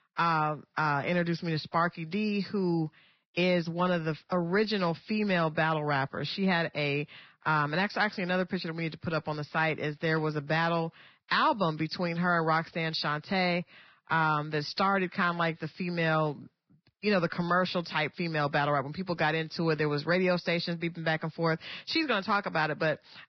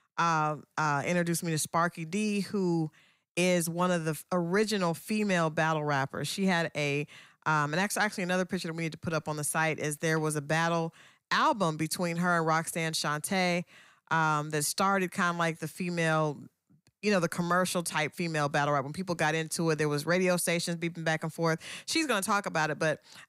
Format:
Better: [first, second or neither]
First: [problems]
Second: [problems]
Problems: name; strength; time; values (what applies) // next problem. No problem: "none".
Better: second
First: garbled, watery; badly; nothing above 5 kHz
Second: none